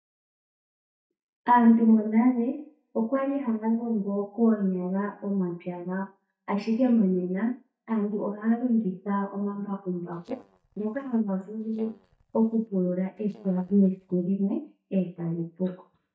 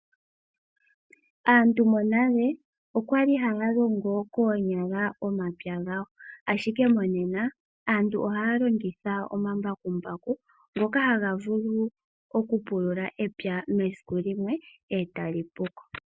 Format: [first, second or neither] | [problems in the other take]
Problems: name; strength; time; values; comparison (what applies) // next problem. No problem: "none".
second | noise reduction (neural mask model DeepFilterNet 3)